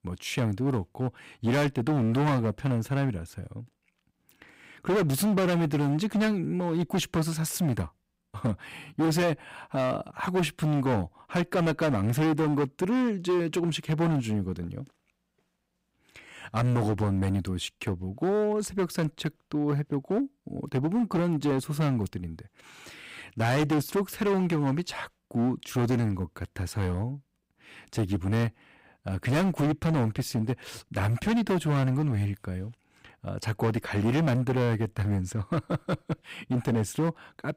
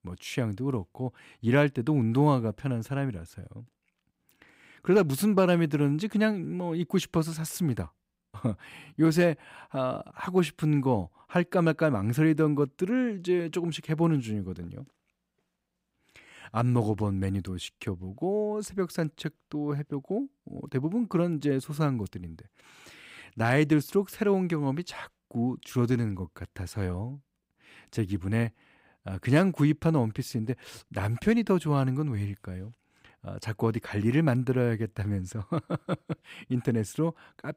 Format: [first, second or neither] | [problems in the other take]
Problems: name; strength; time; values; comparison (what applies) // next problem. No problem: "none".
second | distortion; heavy; 14% of the sound clipped